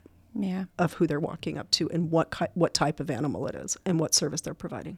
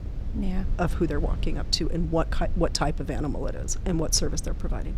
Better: first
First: none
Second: low rumble; noticeable; throughout; 20 dB below the speech

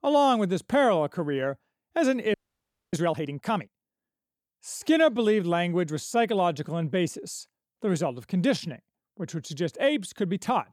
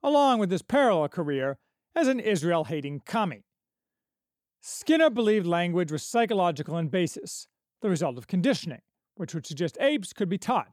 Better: second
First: audio freezing; at 2.5 s for 0.5 s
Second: none

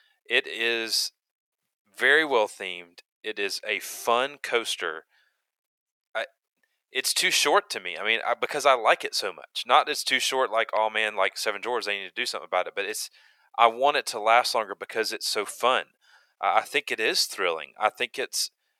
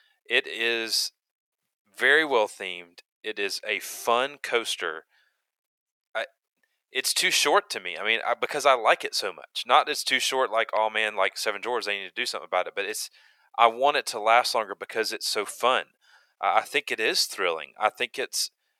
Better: neither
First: thin; very; fading below 550 Hz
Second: thin; very; fading below 550 Hz

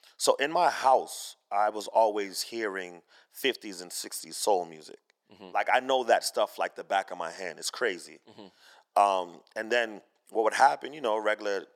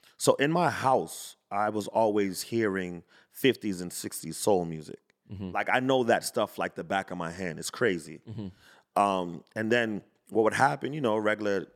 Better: second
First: thin; somewhat; fading below 450 Hz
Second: none

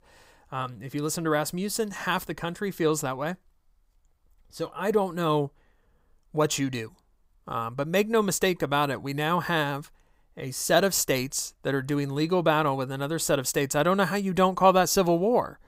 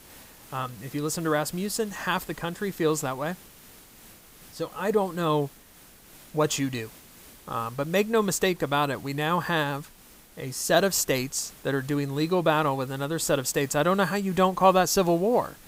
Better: first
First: none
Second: hiss; faint; throughout; 20 dB below the speech

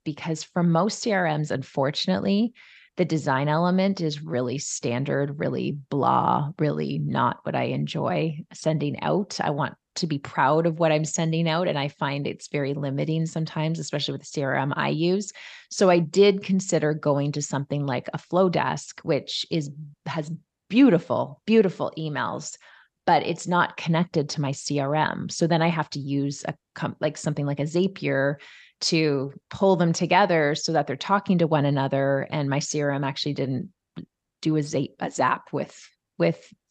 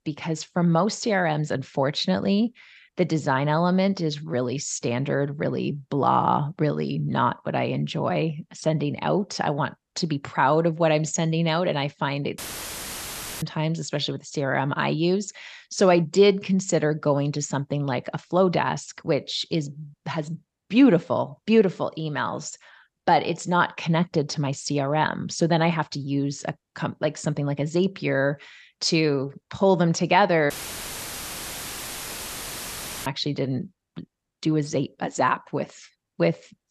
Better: first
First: none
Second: audio cutting out; filled with static; at 12 s for 1 s and at 31 s for 2.5 s

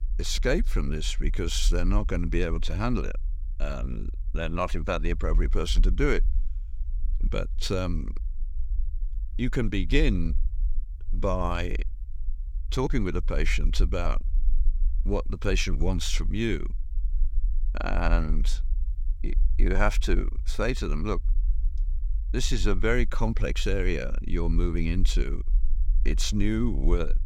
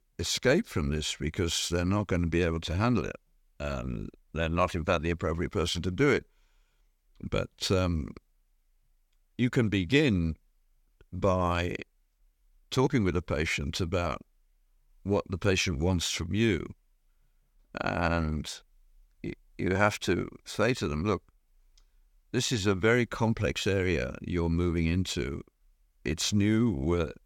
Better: second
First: low rumble; faint; throughout; 25 dB below the speech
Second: none

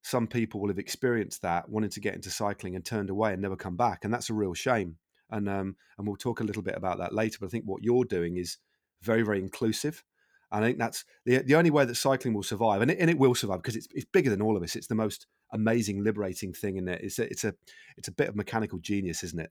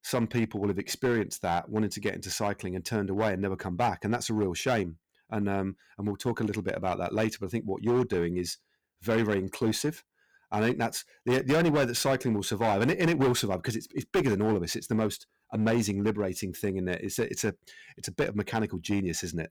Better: first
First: none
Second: distortion; slight; 8% of the sound clipped

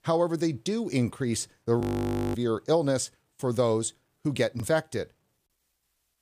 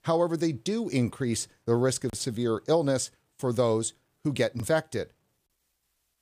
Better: second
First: audio freezing; at 2 s for 0.5 s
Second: none

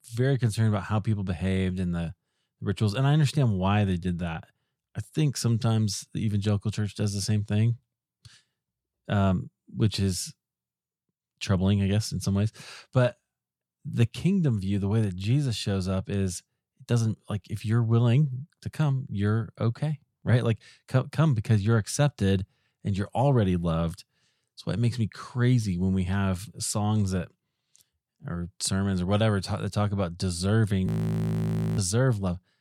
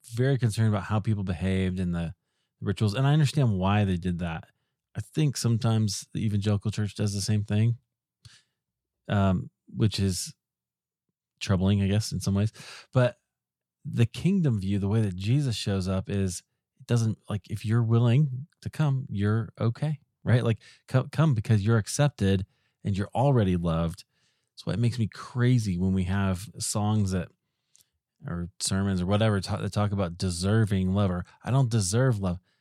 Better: second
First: audio freezing; at 31 s for 1 s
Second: none

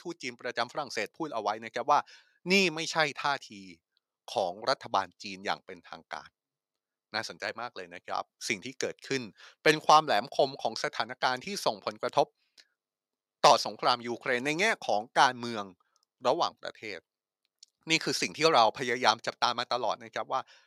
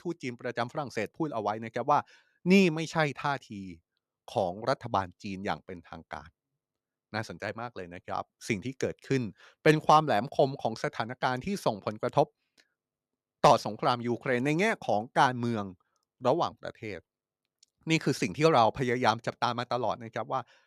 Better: second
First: thin; somewhat; fading below 650 Hz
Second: none

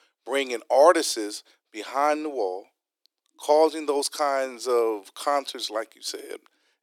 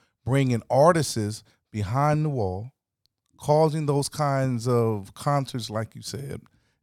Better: second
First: thin; very; fading below 300 Hz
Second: none

